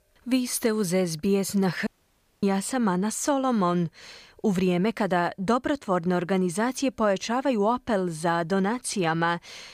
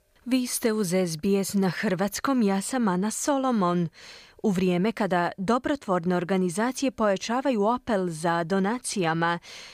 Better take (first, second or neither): second